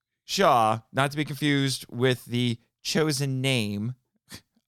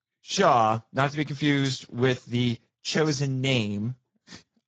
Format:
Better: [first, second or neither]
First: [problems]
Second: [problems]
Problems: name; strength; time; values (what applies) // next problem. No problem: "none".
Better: first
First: none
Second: garbled, watery; badly